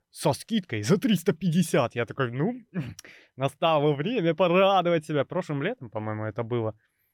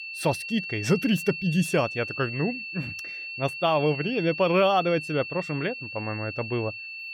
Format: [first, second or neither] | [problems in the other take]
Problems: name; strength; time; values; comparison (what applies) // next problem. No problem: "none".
first | high-pitched whine; loud; throughout; 2.5 kHz, 7 dB below the speech